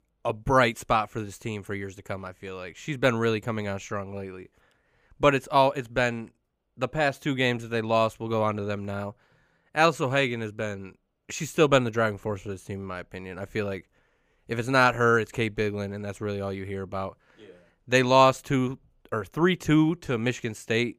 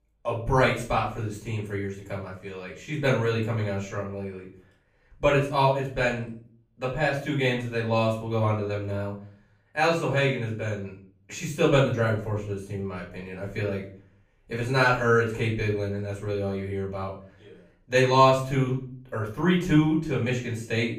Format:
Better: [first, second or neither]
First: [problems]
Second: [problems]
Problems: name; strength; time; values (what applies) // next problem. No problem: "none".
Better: first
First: none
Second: off-mic speech; far // room echo; slight; dies away in 0.4 s